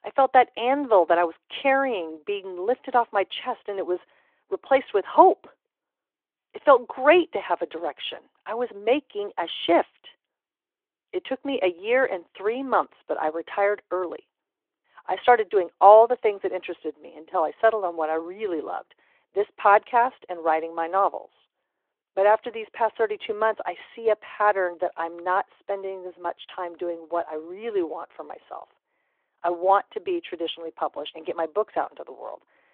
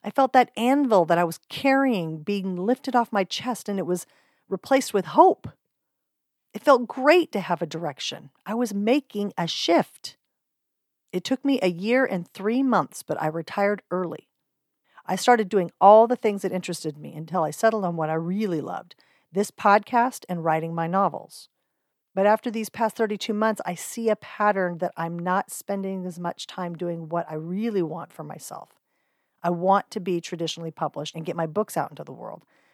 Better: second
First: phone-call audio; nothing above 3.5 kHz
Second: none

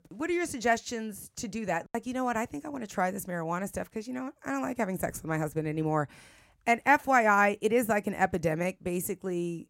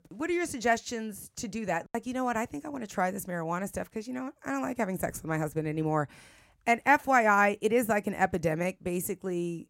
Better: neither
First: none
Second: none

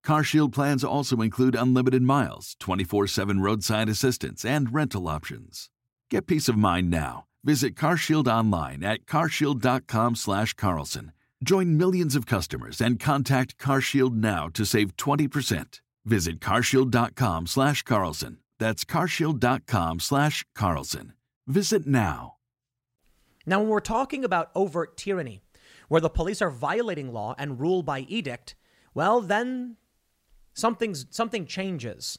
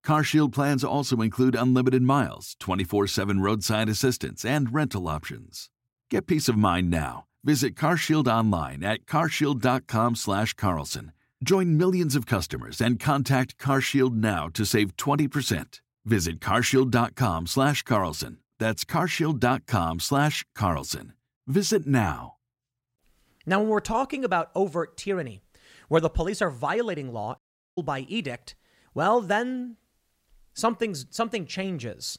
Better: first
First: none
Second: audio cutting out; at 27 s

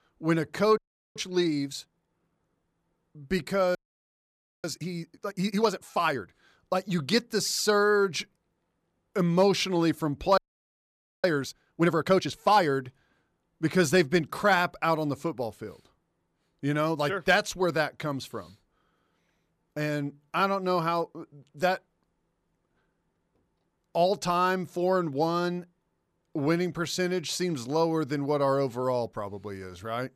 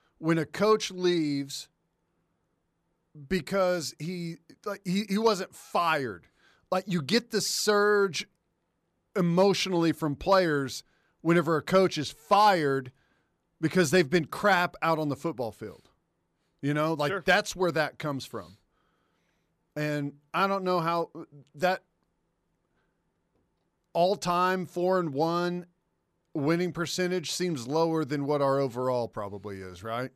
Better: second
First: audio freezing; at 1 s, at 4 s for 1 s and at 10 s for 1 s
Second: none

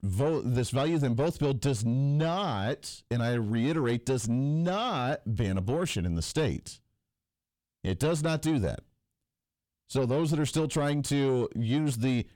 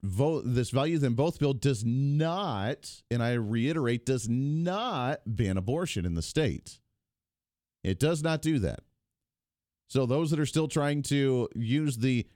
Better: second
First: distortion; slight; 9 dB below the speech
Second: none

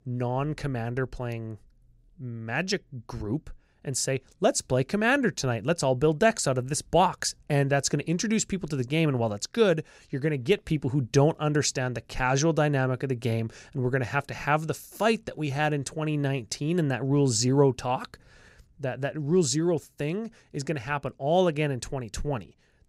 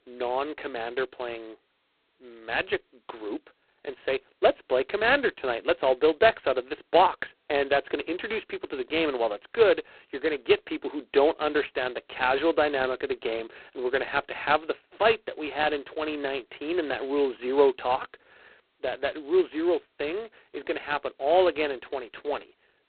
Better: first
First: none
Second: phone-call audio; poor line; nothing above 4 kHz

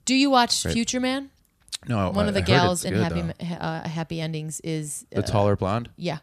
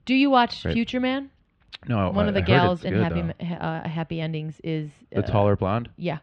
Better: first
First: none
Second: muffled; slightly; fading above 3 kHz

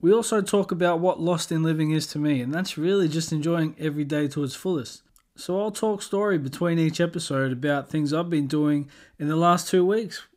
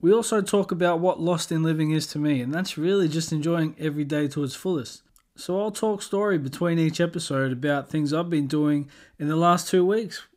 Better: neither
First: none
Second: none

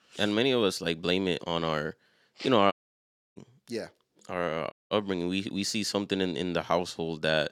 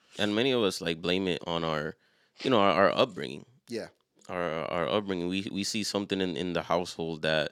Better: second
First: audio cutting out; at 2.5 s for 0.5 s and at 4.5 s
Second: none

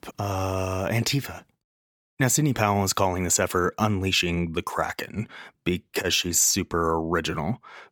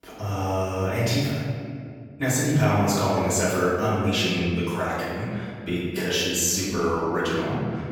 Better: first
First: none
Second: room echo; strong; dies away in 2.2 s // off-mic speech; far

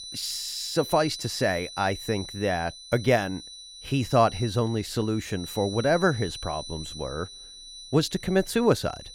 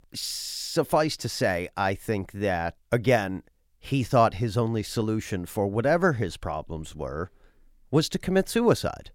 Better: second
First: high-pitched whine; noticeable; throughout; 4 kHz, 10 dB below the speech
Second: none

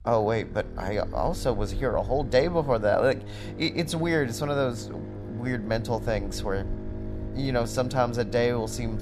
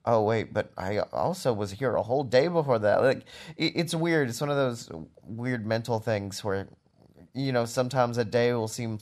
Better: second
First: low rumble; noticeable; throughout; 15 dB below the speech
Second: none

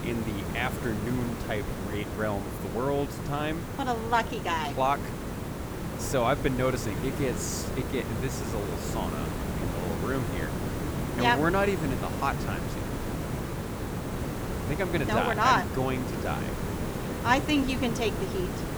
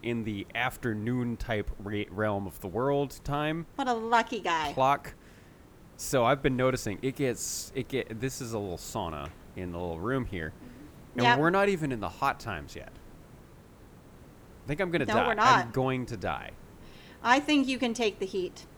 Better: second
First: hiss; loud; throughout; 4 dB below the speech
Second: hiss; faint; throughout; 25 dB below the speech

